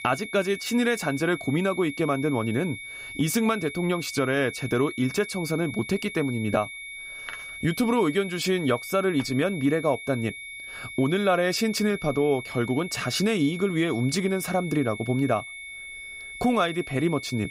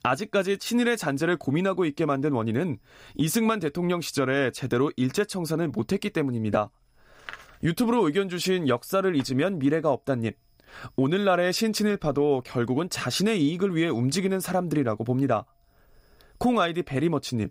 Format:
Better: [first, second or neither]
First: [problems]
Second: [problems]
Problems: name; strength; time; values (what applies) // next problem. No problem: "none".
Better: second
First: high-pitched whine; noticeable; throughout; 2 kHz, 10 dB below the speech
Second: none